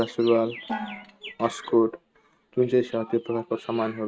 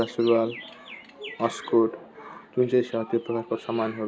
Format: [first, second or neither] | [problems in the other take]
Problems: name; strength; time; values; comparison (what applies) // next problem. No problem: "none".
second | noise reduction (neural mask model RNNoise)